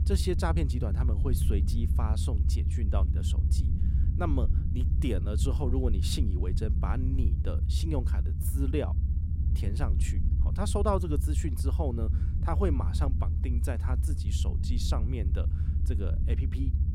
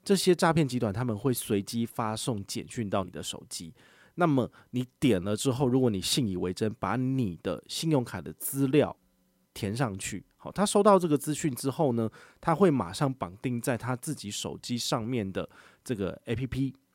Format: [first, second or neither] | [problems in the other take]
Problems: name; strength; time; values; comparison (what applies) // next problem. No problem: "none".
second | low rumble; loud; throughout; 7 dB below the speech